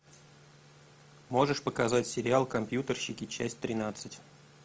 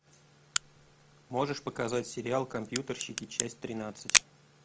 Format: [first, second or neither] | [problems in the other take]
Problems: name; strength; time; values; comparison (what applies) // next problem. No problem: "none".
first | background sound (Crack); 1 dB above the speech